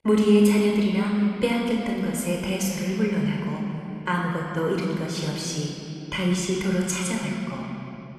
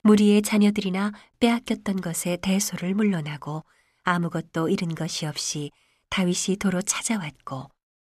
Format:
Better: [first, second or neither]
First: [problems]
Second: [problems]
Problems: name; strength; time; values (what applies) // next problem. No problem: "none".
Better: second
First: off-mic speech; somewhat distant // room echo; noticeable; dies away in 3 s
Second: none